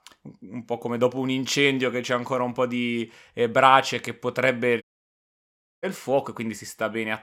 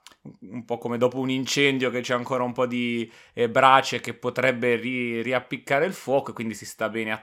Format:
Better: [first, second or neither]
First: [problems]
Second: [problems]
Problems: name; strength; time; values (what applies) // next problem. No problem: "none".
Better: second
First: audio cutting out; at 5 s for 1 s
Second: none